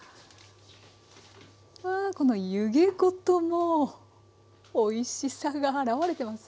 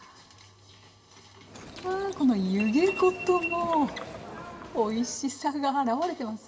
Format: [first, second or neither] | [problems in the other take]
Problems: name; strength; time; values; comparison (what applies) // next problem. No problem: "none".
first | background sound (Subway, metro, underground); 10 dB below the speech // room echo; dies away in 1.3 s